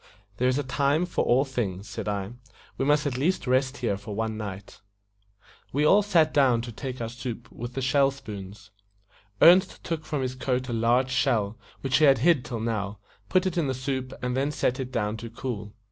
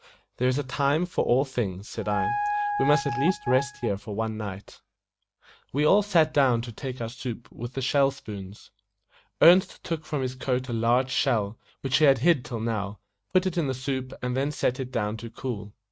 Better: first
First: none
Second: noise reduction (neural mask model RNNoise)

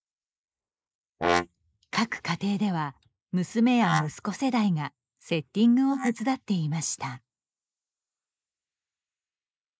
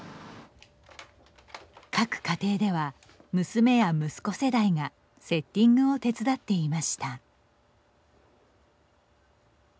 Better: second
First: noise reduction (neural mask model Resemble Enhance denoiser)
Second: none

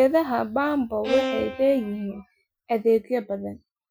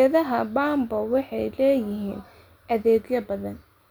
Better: second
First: noise reduction (classical method Wiener filter)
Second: none

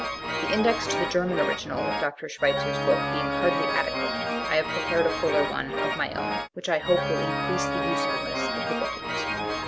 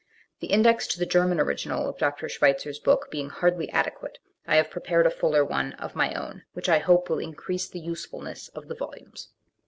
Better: second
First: background sound (Organ); as loud as the speech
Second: none

